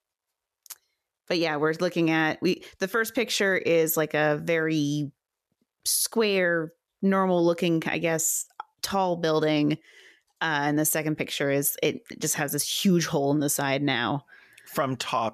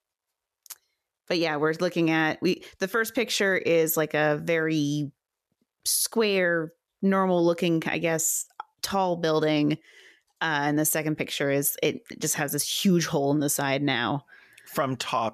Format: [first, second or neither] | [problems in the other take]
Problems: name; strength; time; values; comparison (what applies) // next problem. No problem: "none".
neither | none